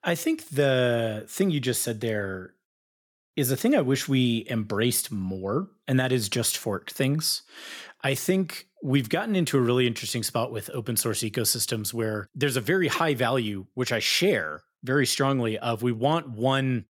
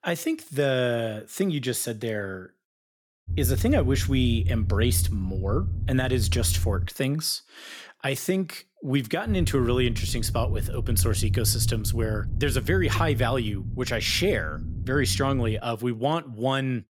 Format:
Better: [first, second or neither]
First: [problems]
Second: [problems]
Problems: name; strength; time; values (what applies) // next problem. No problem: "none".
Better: first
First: none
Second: low rumble; noticeable; from 3.5 to 7 s and from 9.5 to 16 s; 15 dB below the speech